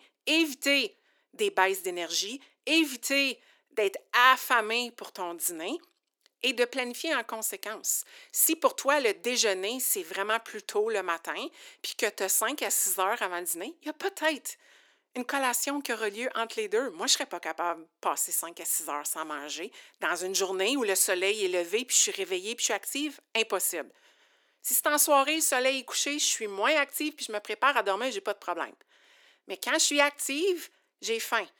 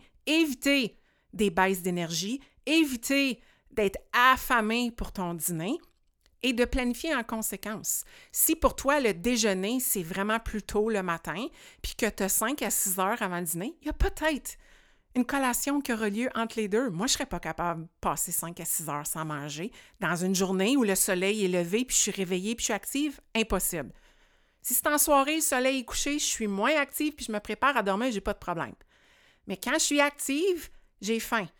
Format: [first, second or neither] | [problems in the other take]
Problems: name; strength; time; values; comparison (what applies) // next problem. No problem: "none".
second | thin; somewhat; fading below 300 Hz